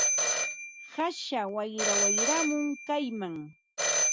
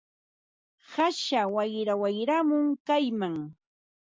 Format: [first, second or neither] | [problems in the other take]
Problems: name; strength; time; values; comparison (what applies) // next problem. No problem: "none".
second | background sound (Telephone); 3 dB above the speech